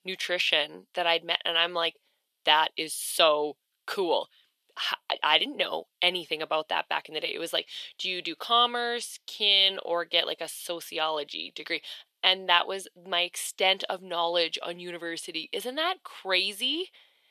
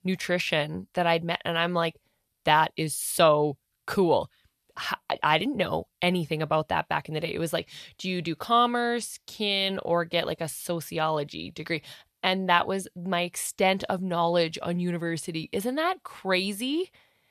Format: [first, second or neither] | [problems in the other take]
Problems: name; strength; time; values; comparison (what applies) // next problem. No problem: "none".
second | thin; somewhat; fading below 350 Hz